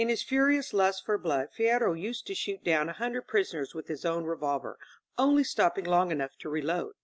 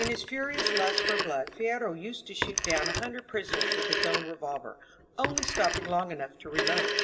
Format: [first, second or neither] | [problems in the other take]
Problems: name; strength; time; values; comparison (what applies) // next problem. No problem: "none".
first | background sound (Telephone); 1 dB above the speech // room echo; dies away in 1.6 s